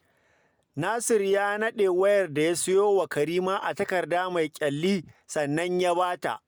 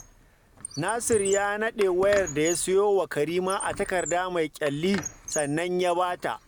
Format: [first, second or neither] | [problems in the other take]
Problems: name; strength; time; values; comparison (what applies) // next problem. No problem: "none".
first | background sound (Squeak); 13 dB below the speech